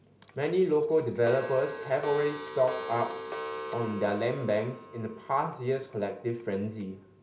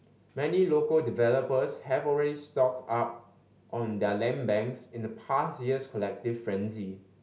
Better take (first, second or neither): second